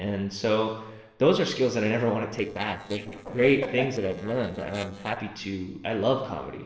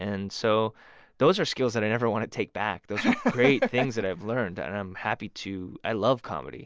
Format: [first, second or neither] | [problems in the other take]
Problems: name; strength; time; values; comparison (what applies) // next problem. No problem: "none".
second | noise reduction (neural separator model SepFormer DNS4)